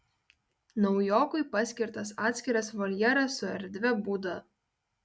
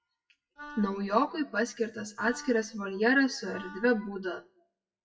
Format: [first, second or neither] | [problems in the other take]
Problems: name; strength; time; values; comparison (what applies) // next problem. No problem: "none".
first | noise reduction (classical method WPE with log-MMSE)